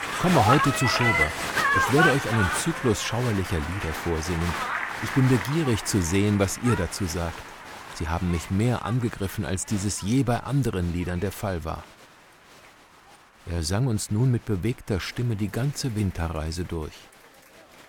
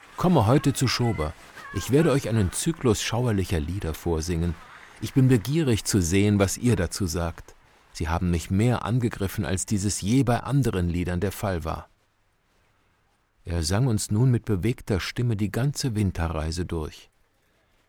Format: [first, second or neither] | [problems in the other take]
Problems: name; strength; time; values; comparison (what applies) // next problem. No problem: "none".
second | crowd noise; loud; throughout; 1 dB below the speech; faint in the second